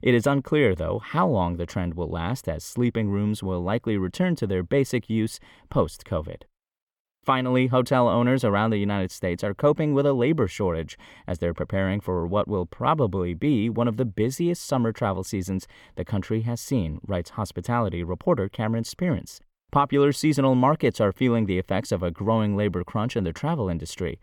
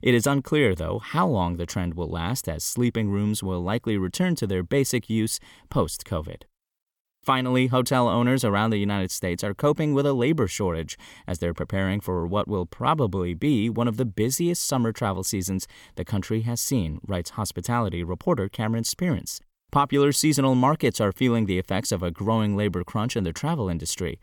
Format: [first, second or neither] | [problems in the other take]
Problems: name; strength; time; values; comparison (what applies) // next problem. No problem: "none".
second | muffled; slightly; fading above 4 kHz